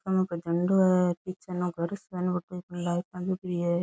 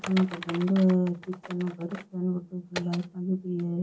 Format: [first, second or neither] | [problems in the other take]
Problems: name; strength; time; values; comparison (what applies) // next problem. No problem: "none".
first | background sound (Typing); 14 dB below the speech // room echo; dies away in 0.3 s